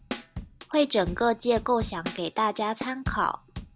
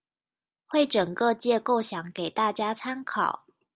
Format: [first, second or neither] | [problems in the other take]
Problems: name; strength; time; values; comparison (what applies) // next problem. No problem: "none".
second | background sound (Drum kit); 11 dB below the speech